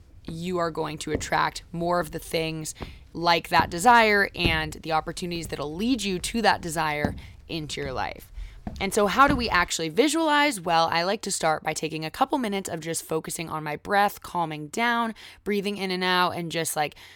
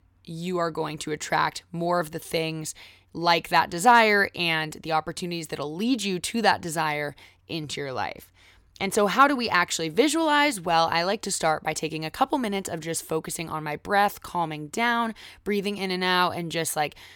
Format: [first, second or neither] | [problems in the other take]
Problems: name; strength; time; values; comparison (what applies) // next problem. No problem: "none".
second | footsteps; noticeable; until 9.5 s; peak 7 dB below the speech